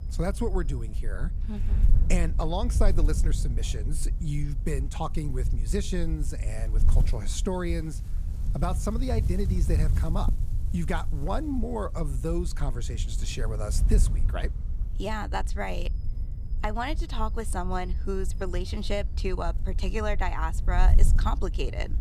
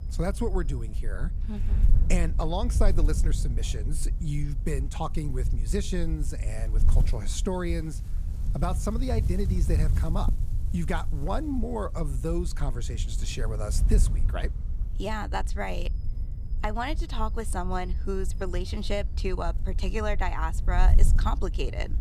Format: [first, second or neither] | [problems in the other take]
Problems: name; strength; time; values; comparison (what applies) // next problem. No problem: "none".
neither | wind noise on the microphone; occasional gusts; 15 dB below the speech; the same in both